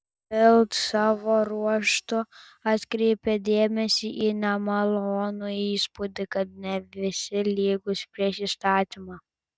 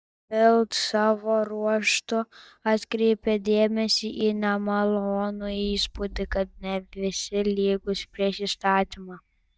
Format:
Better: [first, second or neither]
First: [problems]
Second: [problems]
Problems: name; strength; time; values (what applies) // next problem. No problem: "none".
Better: first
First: none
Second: noise reduction (neural mask model DeepFilterNet 3)